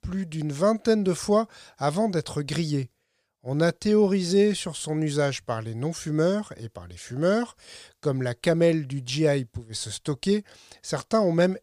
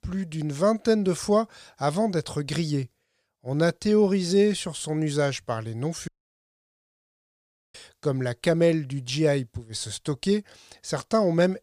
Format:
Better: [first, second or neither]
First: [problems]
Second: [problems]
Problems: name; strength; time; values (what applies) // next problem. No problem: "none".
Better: first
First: none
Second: audio cutting out; at 6 s for 1.5 s